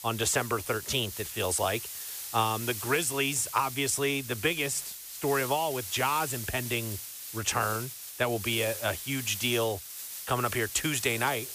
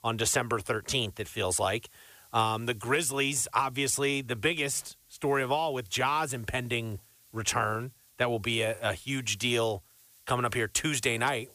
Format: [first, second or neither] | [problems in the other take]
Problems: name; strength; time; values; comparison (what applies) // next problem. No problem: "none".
second | hiss; loud; throughout; 8 dB below the speech; faint in the second